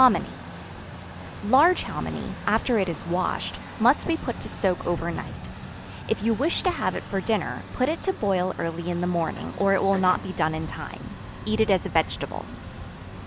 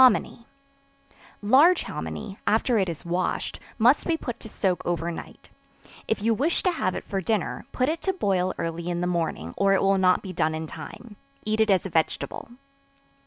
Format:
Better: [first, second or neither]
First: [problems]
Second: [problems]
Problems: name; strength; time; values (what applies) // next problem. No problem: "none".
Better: second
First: background sound (Truck); 11 dB below the speech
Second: none